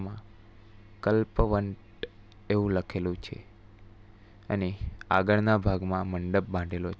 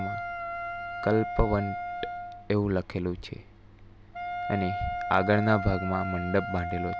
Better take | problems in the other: first | background sound (Wind instrument, woodwind instrument); 6 dB below the speech

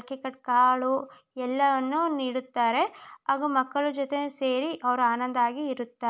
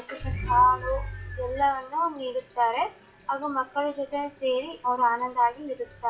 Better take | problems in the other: first | noise reduction (classical method WPE with log-MMSE)

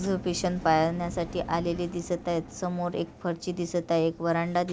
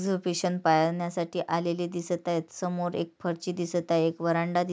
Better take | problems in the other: second | background sound (Engine); 14 dB below the speech

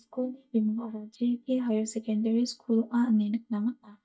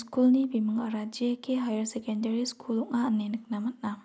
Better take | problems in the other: second | noise reduction (neural mask model DeepFilterNet 3)

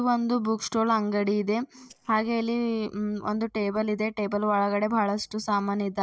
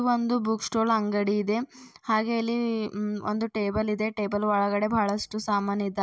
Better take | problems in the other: second | noise reduction (neural separator model SepFormer DNS4)

